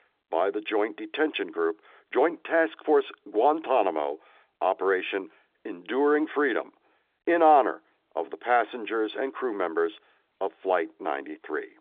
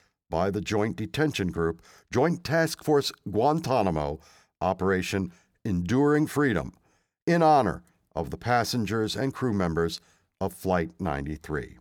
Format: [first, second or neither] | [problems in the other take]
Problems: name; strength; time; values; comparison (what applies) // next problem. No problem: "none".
second | phone-call audio; nothing above 3.5 kHz